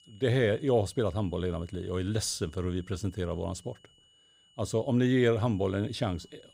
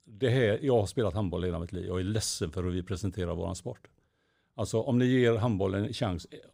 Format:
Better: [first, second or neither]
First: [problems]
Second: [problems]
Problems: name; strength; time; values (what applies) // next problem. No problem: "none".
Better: second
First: high-pitched whine; faint; throughout; 3 kHz, 30 dB below the speech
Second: none